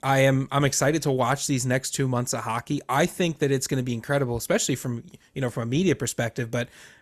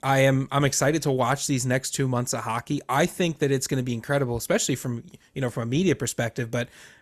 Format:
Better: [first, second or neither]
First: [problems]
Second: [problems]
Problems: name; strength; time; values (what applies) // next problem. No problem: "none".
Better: neither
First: none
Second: none